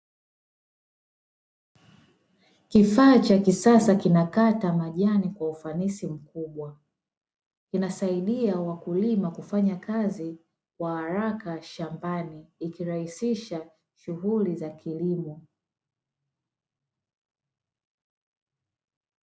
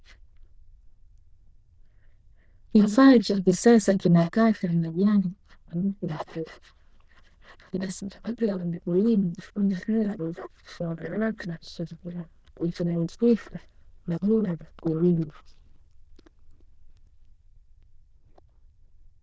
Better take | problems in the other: first | noise reduction (neural diffusion model UNIVERSE++)

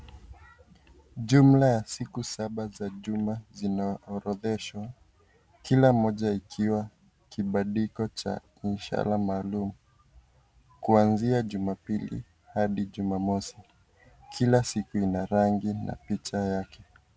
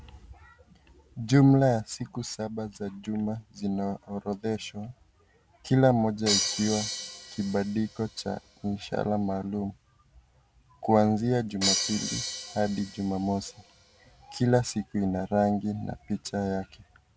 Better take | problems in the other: first | background sound (Crash cymbal); 6 dB below the speech

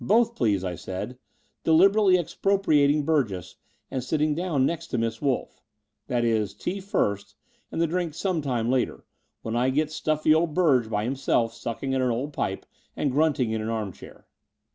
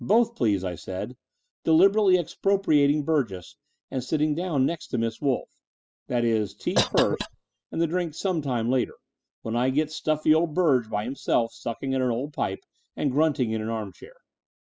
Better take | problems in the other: first | noise reduction (classical method spectral subtraction)

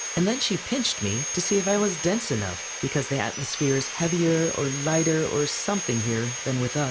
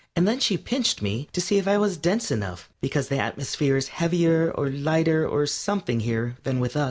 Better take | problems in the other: second | background sound (Sawing); 7 dB below the speech

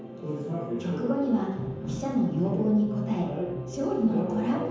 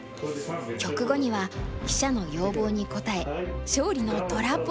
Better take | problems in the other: second | room echo; dies away in 0.9 s

